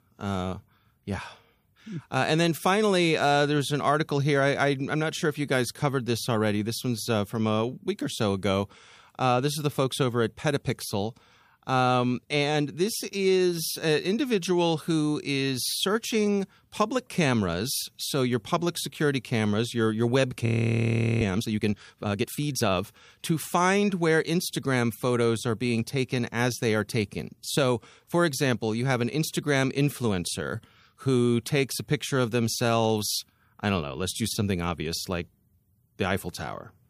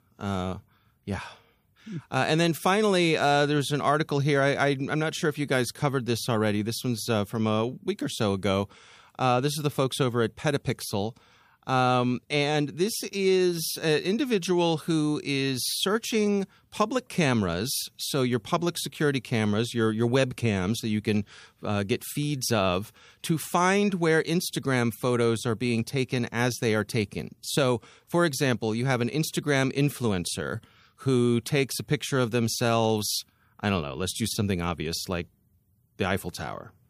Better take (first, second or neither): second